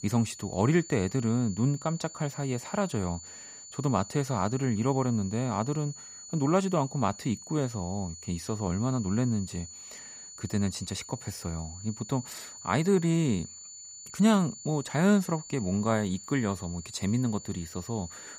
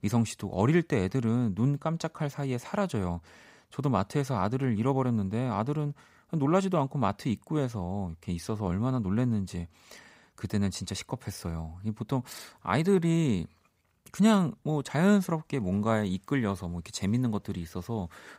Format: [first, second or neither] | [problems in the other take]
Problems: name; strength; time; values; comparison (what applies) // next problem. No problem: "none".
second | high-pitched whine; noticeable; throughout; 7 kHz, 15 dB below the speech